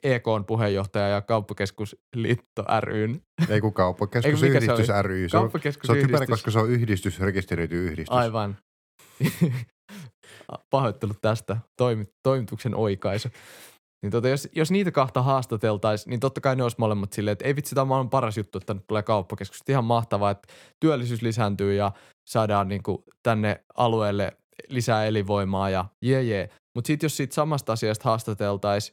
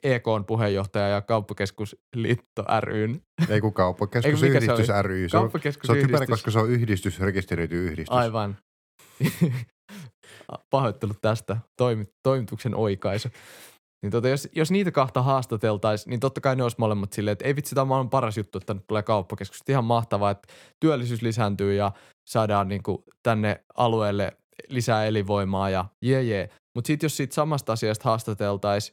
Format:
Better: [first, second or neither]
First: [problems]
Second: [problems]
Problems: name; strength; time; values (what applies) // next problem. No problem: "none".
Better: neither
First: none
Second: none